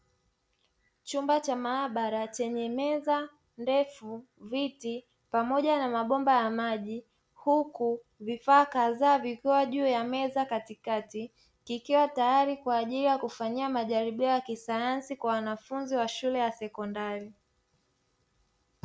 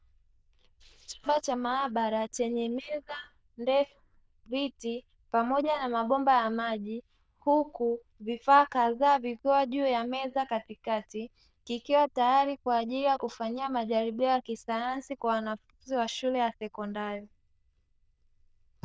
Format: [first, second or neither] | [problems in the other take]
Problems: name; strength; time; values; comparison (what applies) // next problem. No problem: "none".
first | noise reduction (neural diffusion model UNIVERSE++)